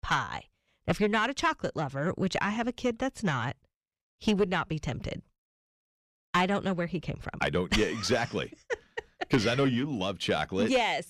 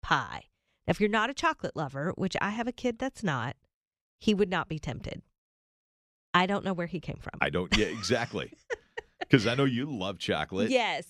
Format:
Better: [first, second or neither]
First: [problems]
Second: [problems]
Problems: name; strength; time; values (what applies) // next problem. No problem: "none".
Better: second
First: distortion; slight; 9 dB below the speech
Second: none